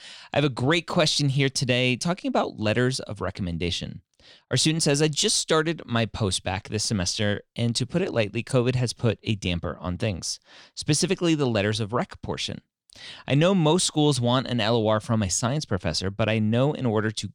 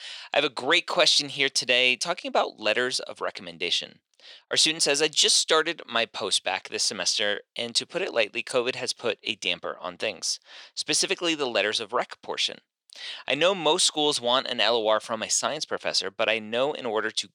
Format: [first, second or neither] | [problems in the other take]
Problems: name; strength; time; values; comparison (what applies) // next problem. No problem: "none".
first | thin; very; fading below 500 Hz